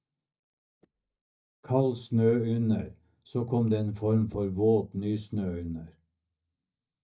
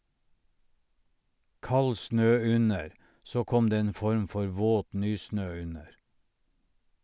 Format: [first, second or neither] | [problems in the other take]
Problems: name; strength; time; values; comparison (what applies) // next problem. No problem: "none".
second | noise reduction (neural mask model DeepFilterNet 3)